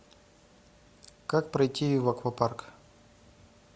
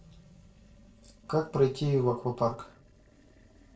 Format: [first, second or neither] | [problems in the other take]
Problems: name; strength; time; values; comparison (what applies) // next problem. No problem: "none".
first | noise reduction (neural separator model SepFormer DNS4)